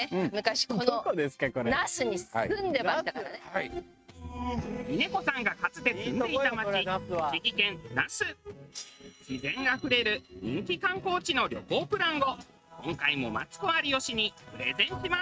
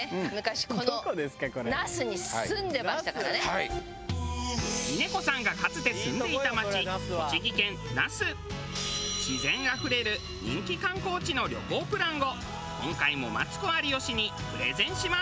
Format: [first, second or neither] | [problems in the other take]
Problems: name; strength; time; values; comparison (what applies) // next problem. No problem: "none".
second | noise reduction (neural mask model RNNoise)